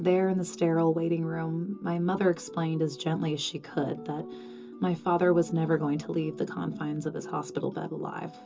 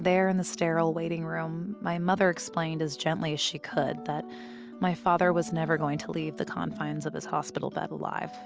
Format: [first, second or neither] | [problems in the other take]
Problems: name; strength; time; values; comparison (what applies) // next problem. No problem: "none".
second | room echo; dies away in 0.2 s